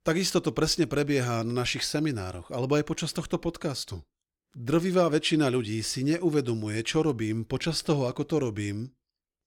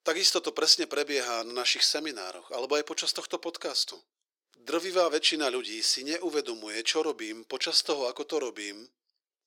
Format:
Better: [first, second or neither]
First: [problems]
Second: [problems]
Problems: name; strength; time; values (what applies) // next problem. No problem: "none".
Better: first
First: none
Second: thin; very; fading below 400 Hz